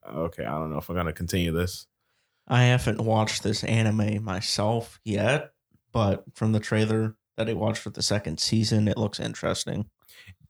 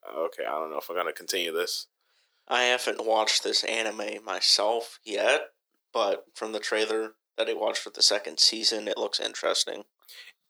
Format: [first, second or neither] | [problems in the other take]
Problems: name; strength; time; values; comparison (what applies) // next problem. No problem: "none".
first | thin; very; fading below 350 Hz